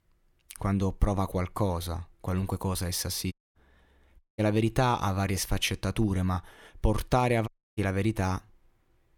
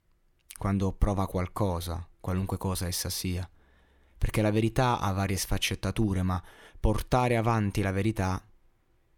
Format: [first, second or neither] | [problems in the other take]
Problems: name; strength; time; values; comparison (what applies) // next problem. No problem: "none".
second | audio cutting out; at 3.5 s, at 4 s and at 7.5 s